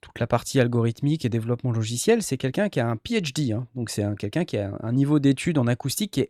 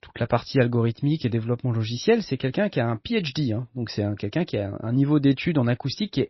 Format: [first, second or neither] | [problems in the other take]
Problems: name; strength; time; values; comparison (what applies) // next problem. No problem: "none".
first | garbled, watery; slightly; nothing above 5.5 kHz